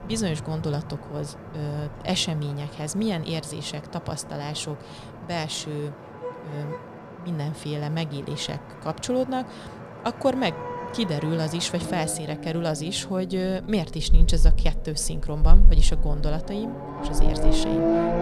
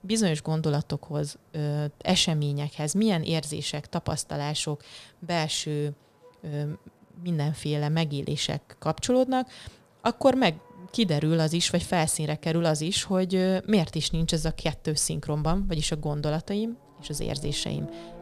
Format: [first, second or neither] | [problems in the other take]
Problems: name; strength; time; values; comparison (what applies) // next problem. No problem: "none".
second | traffic noise; loud; throughout; 1 dB below the speech; faint in the second